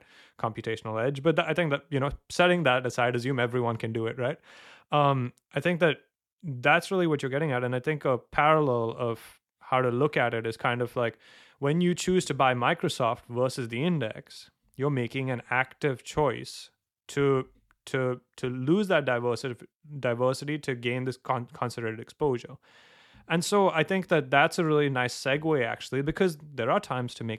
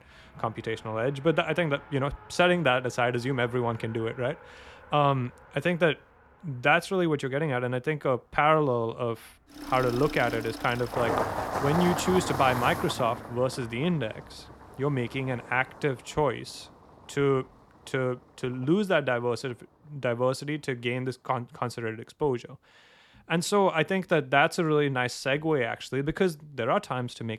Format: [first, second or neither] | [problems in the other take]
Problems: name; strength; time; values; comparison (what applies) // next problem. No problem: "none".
first | traffic noise; loud; throughout; 9 dB below the speech